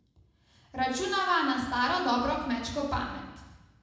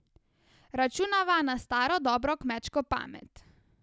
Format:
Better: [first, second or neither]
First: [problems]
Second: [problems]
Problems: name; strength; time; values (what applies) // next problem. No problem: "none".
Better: second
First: room echo; dies away in 1 s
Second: none